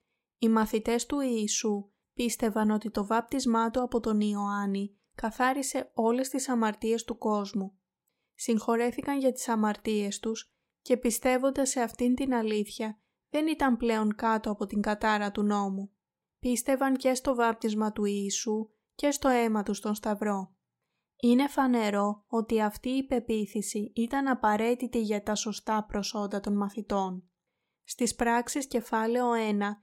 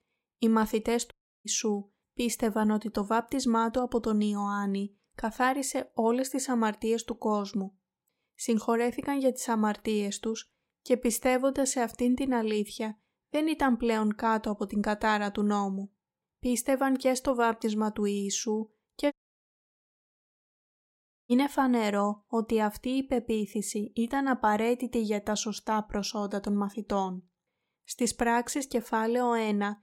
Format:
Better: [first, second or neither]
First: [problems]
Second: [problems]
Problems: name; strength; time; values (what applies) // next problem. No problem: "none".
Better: first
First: none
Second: audio cutting out; at 1 s and at 19 s for 2 s